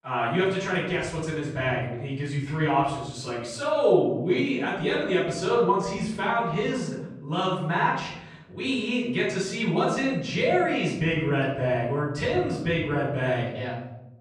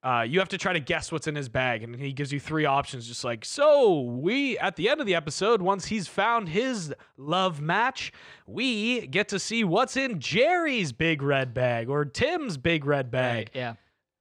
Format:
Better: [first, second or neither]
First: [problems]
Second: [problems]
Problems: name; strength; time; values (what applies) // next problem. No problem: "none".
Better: second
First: off-mic speech; far // room echo; noticeable; dies away in 0.9 s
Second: none